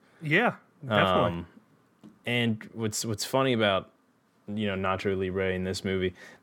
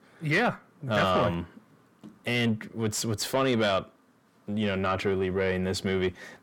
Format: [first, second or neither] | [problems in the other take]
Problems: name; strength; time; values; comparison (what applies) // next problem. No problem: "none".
first | distortion; slight; 10 dB below the speech